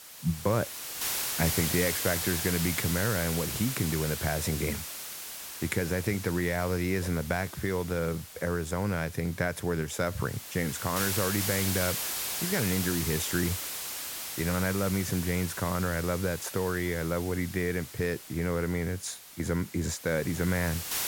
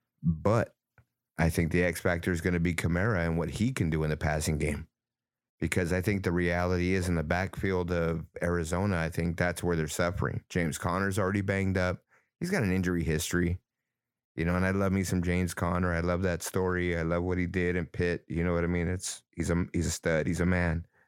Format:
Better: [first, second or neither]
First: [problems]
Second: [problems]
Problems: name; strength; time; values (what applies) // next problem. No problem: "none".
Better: second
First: hiss; loud; throughout; 3 dB below the speech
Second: none